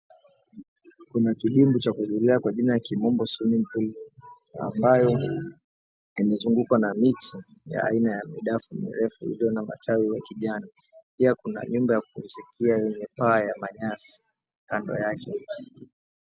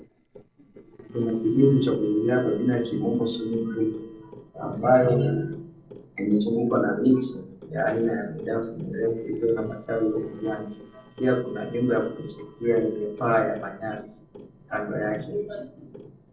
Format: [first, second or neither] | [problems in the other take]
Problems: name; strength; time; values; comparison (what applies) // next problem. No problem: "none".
first | noise reduction (neural separator model SepFormer DNS4)